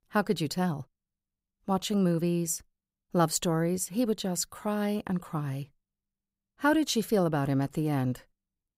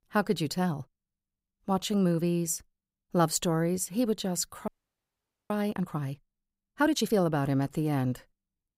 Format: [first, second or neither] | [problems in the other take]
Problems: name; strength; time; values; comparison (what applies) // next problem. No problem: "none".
first | audio freezing; at 4.5 s for 1 s